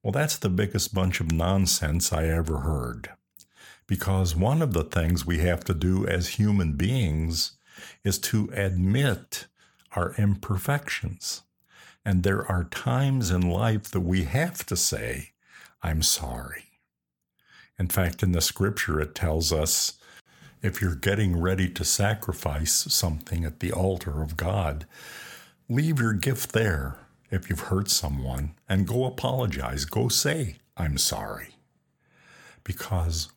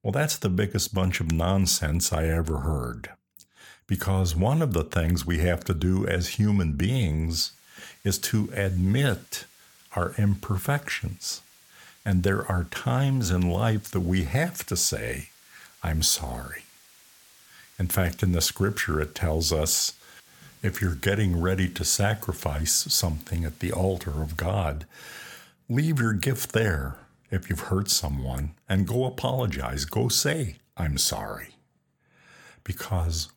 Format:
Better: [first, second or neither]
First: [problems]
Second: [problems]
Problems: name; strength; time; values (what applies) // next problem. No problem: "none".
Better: first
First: none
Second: hiss; faint; from 7.5 to 24 s; 25 dB below the speech